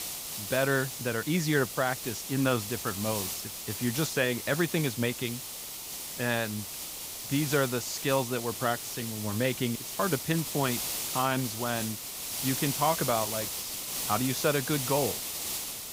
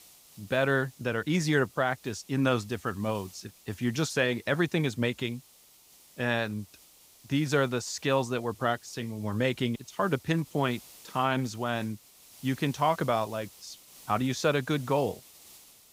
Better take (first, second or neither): second